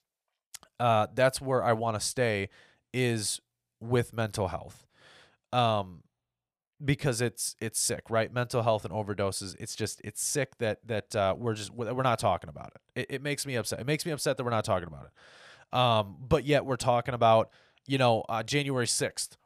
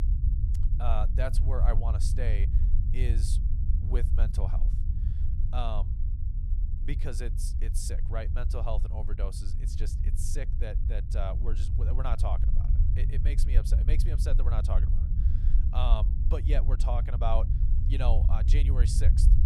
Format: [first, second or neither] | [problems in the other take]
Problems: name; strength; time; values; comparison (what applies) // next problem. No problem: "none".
first | low rumble; loud; throughout; 8 dB below the speech